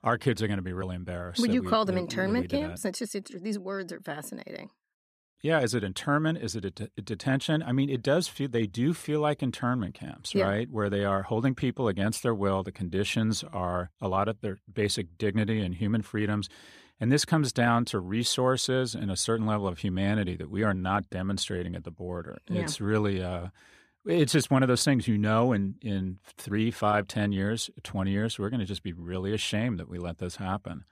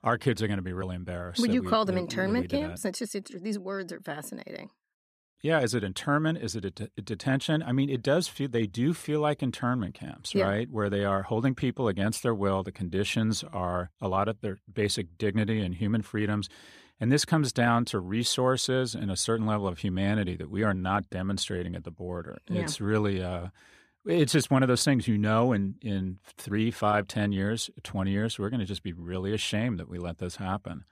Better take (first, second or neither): neither